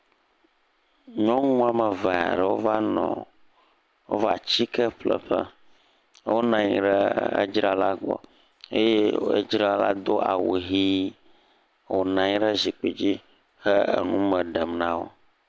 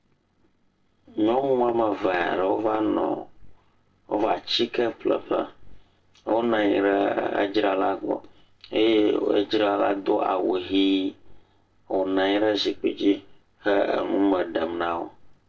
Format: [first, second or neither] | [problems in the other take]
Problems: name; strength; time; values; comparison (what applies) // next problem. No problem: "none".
first | noise reduction (neural separator model SepFormer DNS4)